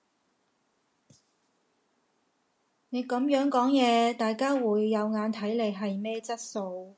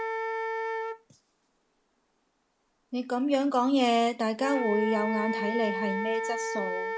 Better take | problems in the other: first | background sound (Wind instrument, woodwind instrument); 5 dB below the speech

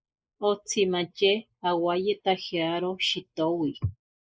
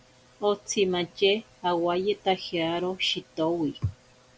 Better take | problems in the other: second | noise reduction (neural mask model Resemble Enhance denoiser)

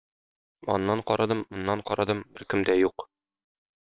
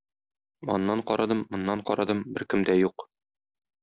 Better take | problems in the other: second | noise reduction (neural separator model SepFormer WHAM!)

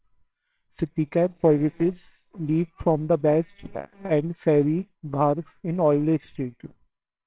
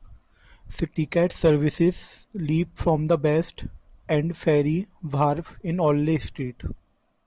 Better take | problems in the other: second | noise reduction (neural separator model SepFormer WHAMR!)

